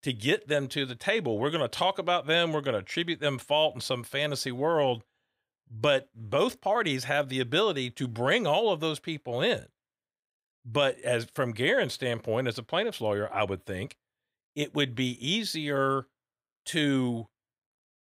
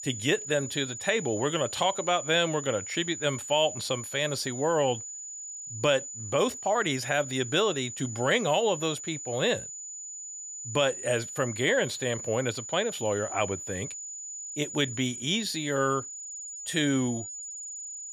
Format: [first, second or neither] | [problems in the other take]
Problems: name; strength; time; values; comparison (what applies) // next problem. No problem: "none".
first | high-pitched whine; loud; throughout; 7 kHz, 8 dB below the speech